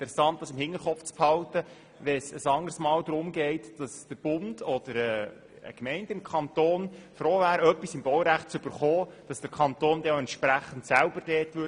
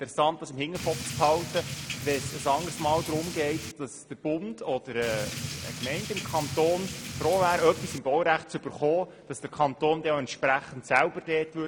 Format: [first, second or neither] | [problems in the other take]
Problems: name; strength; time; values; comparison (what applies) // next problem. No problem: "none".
first | background sound (Drip / Rain); 8 dB below the speech